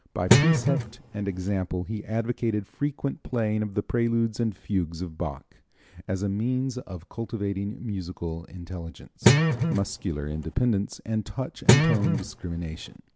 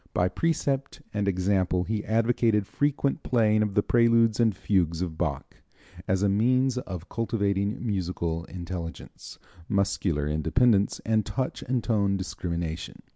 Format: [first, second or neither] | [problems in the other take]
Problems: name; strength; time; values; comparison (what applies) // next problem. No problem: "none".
second | background sound (Guitar); 5 dB above the speech